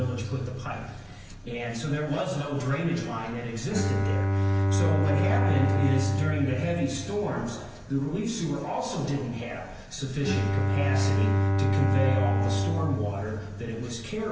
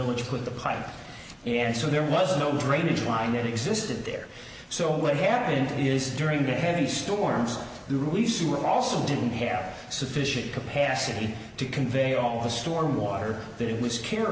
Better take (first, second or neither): second